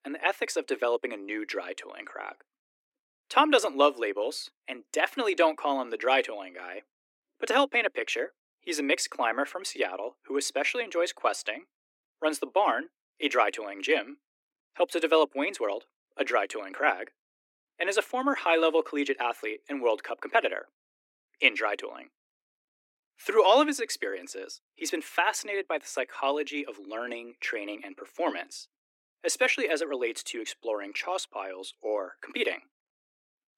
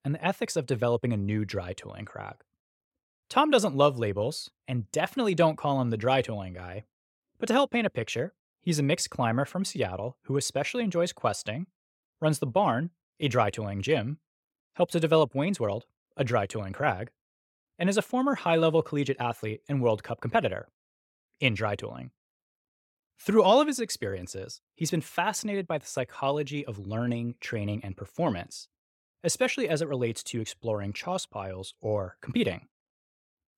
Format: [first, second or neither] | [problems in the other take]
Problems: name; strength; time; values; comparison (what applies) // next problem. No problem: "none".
second | thin; somewhat; fading below 300 Hz